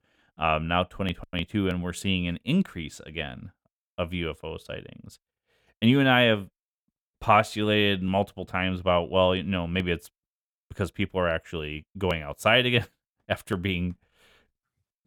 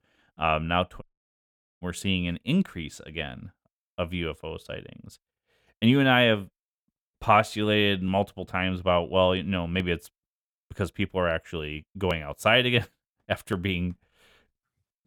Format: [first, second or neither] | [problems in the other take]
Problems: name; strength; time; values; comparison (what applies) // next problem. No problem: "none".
first | audio cutting out; at 1 s for 1 s